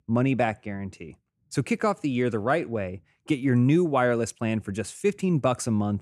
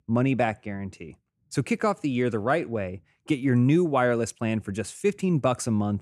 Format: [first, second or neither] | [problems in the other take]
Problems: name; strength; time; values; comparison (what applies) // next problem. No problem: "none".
neither | none